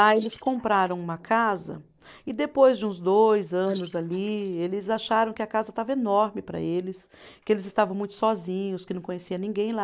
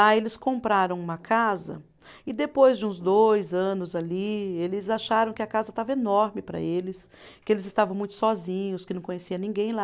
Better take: second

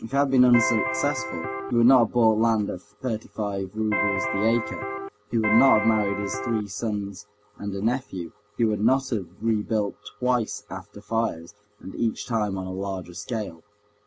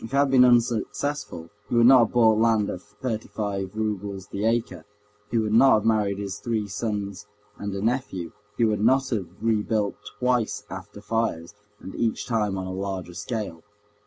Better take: second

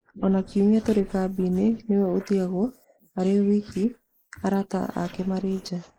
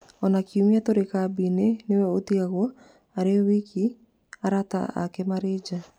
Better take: second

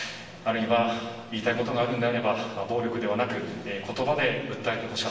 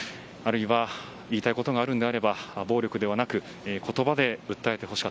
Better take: second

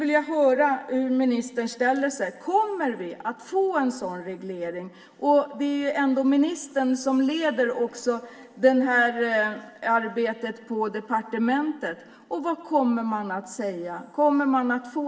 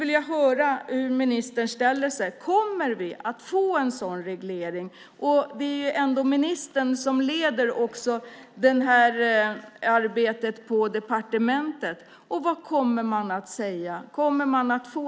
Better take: second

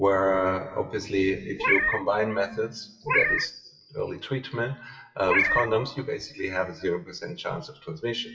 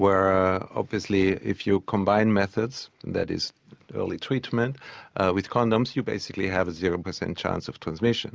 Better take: second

